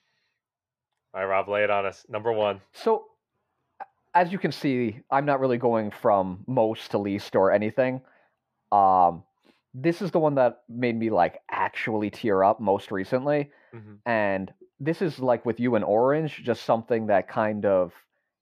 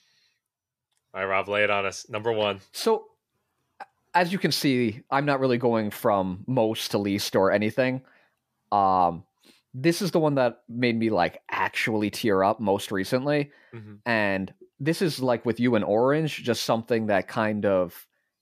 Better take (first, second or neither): second